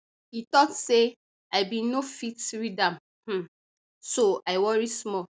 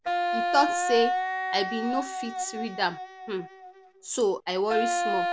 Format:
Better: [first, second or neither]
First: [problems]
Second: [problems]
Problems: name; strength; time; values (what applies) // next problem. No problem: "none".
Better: first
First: none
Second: background sound (Wind instrument, woodwind instrument); 1 dB below the speech